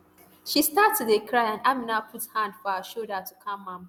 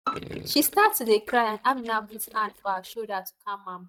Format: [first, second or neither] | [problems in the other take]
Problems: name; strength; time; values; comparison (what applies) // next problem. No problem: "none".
first | noise reduction (neural mask model DeepFilterNet 3)